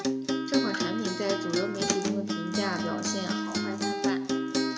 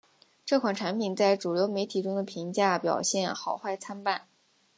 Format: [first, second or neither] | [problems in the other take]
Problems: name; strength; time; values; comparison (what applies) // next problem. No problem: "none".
second | background sound (Acoustic guitar); 5 dB above the speech // room echo; dies away in 1.3 s